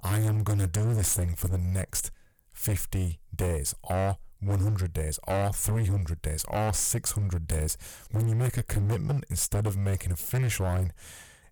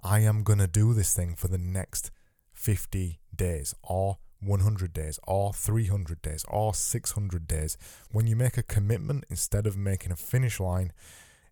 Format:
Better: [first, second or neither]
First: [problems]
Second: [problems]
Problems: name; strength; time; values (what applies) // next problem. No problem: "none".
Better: second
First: distortion; heavy; 22% of the sound clipped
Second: none